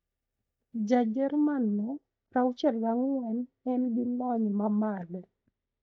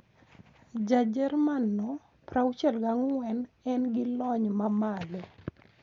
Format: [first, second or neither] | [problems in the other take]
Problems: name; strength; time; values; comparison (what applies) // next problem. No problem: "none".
second | noise reduction (neural mask model DeepFilterNet 3)